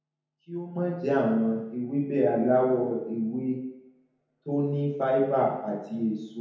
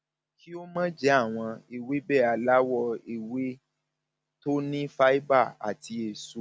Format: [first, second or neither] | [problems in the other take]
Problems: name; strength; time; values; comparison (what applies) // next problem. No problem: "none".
second | room echo; dies away in 0.9 s